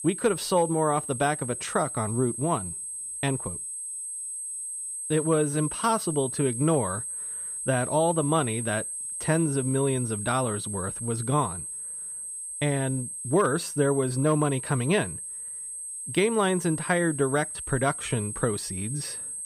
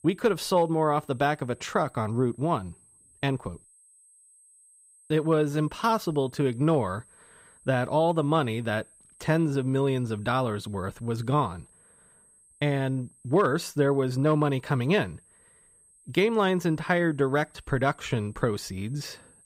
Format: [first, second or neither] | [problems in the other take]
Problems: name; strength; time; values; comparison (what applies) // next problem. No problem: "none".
second | high-pitched whine; loud; throughout; 8.5 kHz, 5 dB below the speech; faint in the second